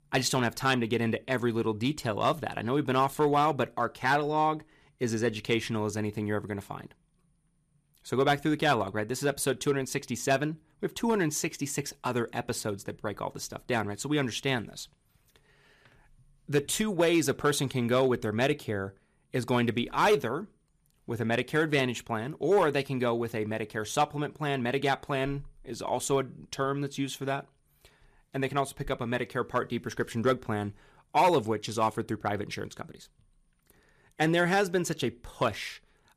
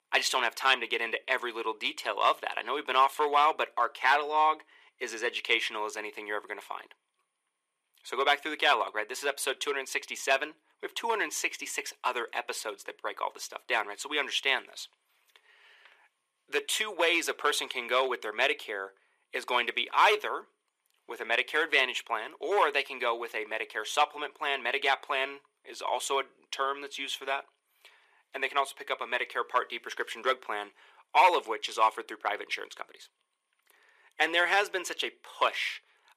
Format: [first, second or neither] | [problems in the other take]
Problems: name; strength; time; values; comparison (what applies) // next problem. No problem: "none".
first | thin; very; fading below 400 Hz